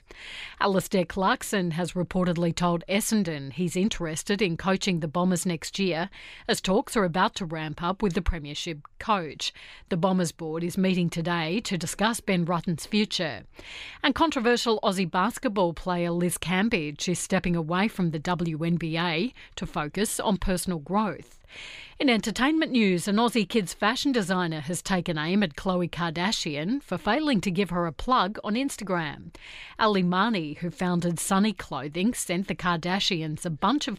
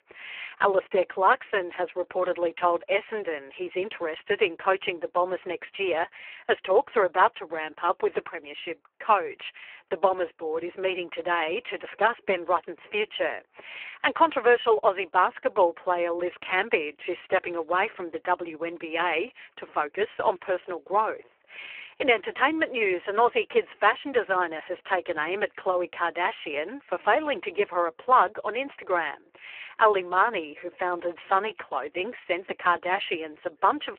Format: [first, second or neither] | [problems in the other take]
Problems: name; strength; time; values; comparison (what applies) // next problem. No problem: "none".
first | phone-call audio; poor line